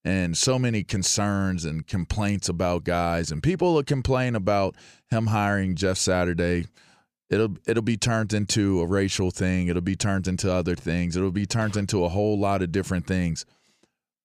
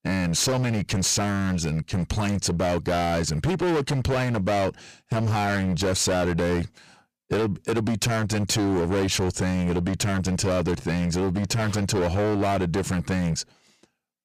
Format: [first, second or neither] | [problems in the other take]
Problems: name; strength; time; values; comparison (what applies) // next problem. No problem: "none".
first | distortion; heavy; 26% of the sound clipped